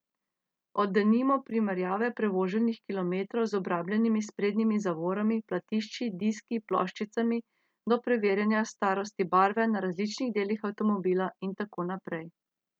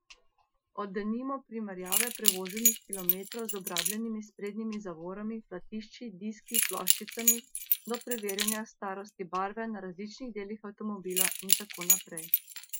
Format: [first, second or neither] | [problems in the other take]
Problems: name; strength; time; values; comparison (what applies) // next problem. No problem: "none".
first | noise reduction (classical method Wiener filter)